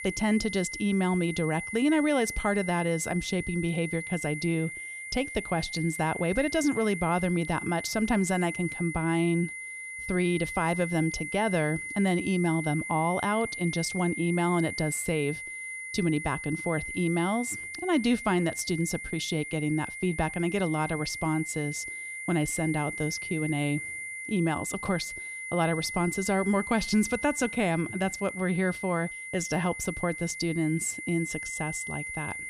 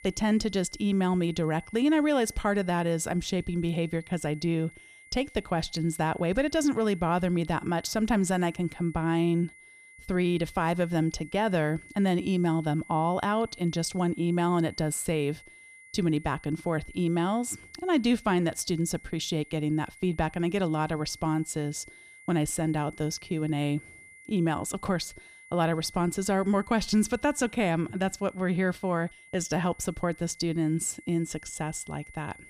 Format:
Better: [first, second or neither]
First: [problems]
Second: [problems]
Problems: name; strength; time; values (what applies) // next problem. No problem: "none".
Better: second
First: high-pitched whine; loud; throughout; 2 kHz, 7 dB below the speech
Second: high-pitched whine; faint; throughout; 2 kHz, 20 dB below the speech